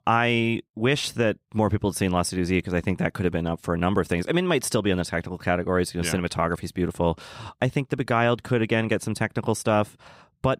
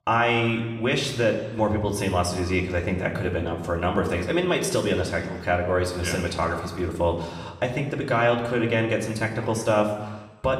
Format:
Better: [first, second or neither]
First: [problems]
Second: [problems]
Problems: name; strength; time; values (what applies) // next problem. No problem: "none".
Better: first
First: none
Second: room echo; slight; dies away in 1.1 s // off-mic speech; somewhat distant